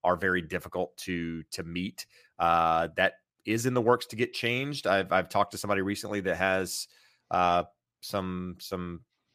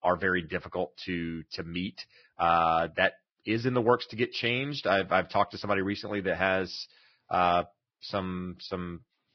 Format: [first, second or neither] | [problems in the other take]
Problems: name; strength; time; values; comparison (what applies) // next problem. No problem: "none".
first | garbled, watery; badly; nothing above 5.5 kHz